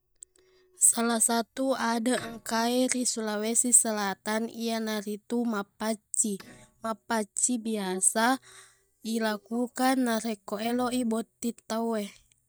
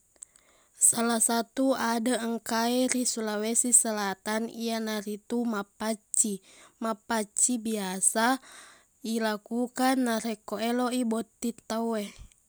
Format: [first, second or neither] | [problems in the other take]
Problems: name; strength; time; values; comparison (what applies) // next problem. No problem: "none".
second | noise reduction (neural mask model DeepFilterNet 3)